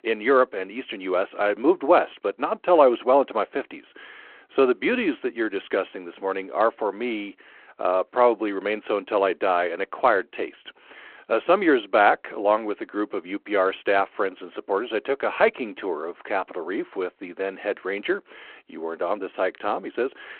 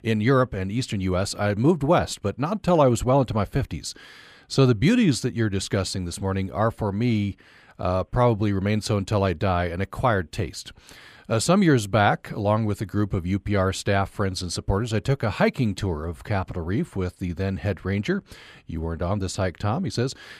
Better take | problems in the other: second | phone-call audio

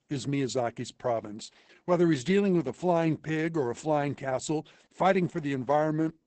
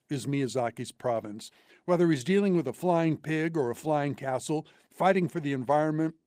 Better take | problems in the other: second | garbled, watery; badly; nothing above 8 kHz; slightly in the second

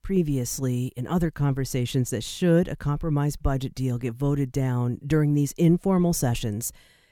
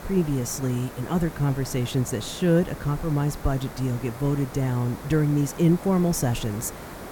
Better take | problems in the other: first | hiss; noticeable; throughout; 15 dB below the speech

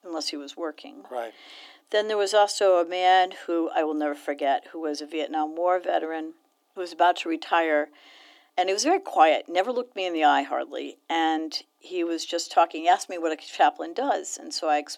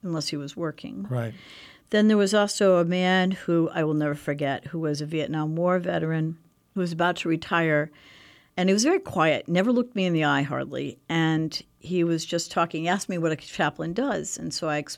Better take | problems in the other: second | thin; very; fading below 300 Hz

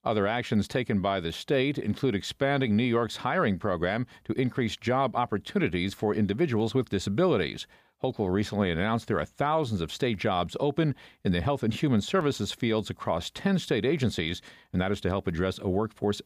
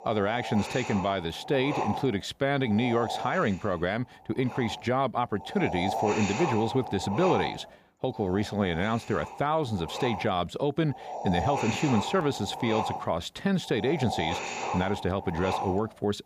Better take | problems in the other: first | wind noise on the microphone; heavy; 3 dB below the speech

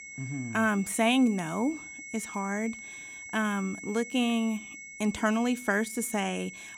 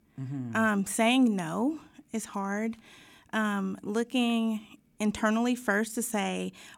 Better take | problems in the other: second | high-pitched whine; noticeable; throughout; 2 kHz, 15 dB below the speech

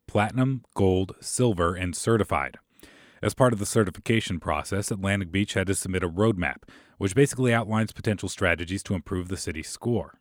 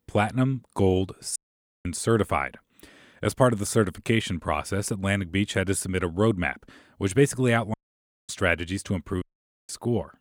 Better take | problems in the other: first | audio cutting out; at 1.5 s, at 7.5 s for 0.5 s and at 9 s

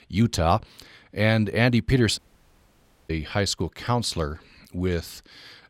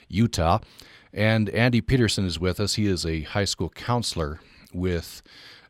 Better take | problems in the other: second | audio cutting out; at 2 s for 1 s

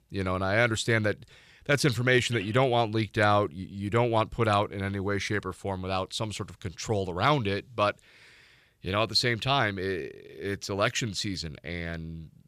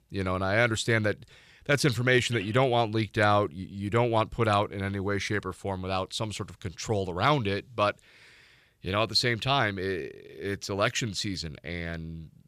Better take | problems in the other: neither | none

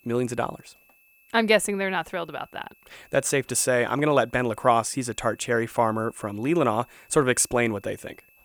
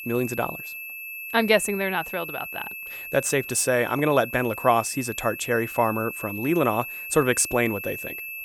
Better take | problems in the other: first | high-pitched whine; loud; throughout; 2.5 kHz, 9 dB below the speech; faint in the first

